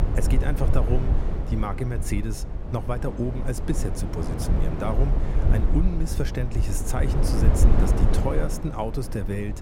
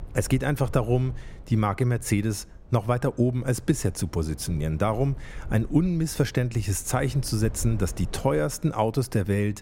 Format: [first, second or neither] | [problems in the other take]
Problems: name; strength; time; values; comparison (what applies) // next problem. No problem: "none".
second | wind noise on the microphone; heavy; 3 dB below the speech; occasional gusts in the second